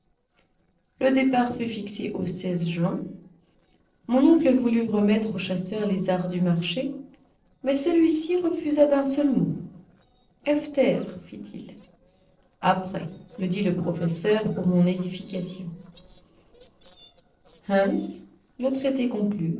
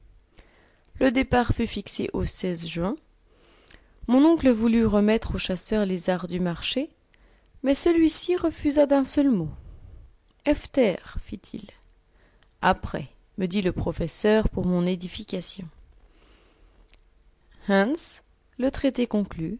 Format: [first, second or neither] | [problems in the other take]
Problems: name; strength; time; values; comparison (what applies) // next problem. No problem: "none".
second | noise reduction (neural separator model SepFormer DNS4)